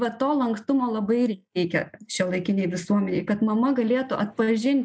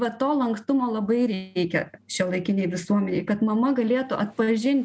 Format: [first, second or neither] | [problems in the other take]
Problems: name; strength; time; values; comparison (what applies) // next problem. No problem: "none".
second | noise reduction (neural mask model Resemble Enhance denoiser)